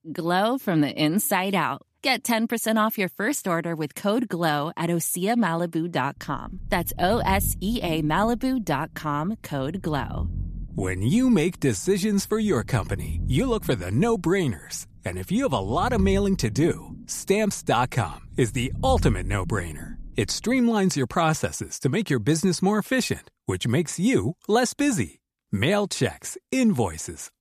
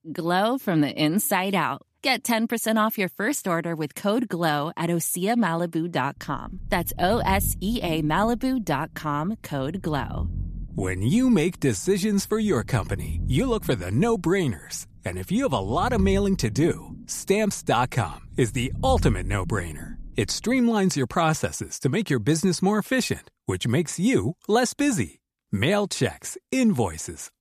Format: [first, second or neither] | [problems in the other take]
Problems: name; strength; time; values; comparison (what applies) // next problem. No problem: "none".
neither | low rumble; faint; from 6 to 21 s; 20 dB below the speech; the same in both